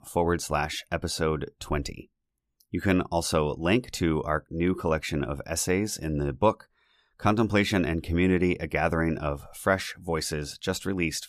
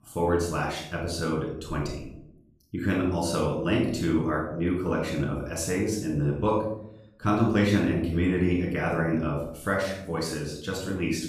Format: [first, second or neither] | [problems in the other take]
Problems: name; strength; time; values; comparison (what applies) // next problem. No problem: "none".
first | off-mic speech; far // room echo; noticeable; dies away in 0.7 s